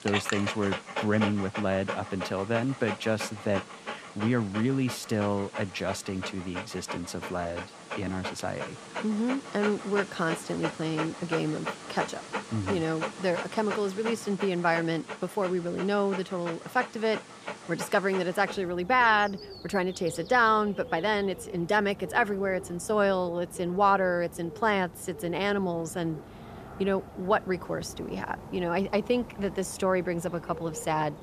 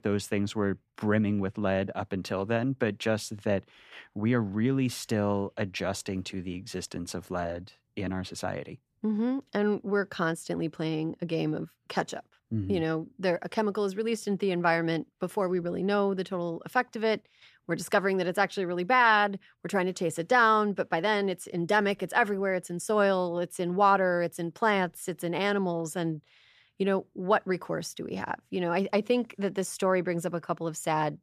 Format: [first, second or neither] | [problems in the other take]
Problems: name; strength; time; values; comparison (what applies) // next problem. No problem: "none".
second | animal sounds; noticeable; throughout; 10 dB below the speech